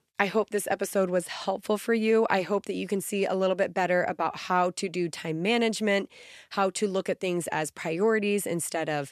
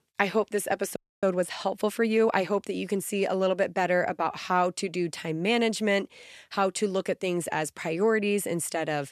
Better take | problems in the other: first | audio freezing; at 1 s

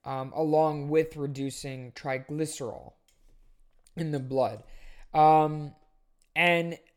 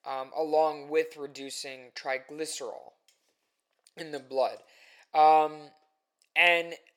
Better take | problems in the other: first | thin; very; fading below 550 Hz

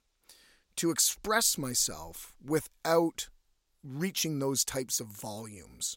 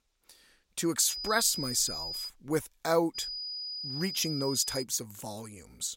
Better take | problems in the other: first | high-pitched whine; loud; from 1 to 2.5 s and from 3 to 5 s; 5 kHz, 6 dB below the speech

